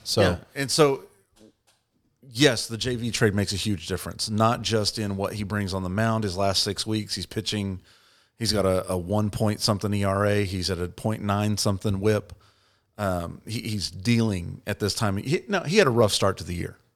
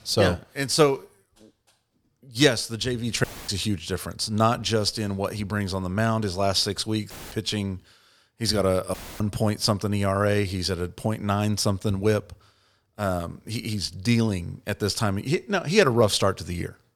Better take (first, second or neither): first